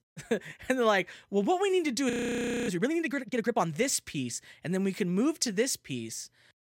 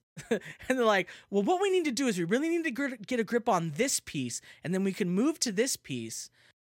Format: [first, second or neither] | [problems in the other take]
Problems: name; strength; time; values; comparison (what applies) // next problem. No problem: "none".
second | audio freezing; at 2 s for 0.5 s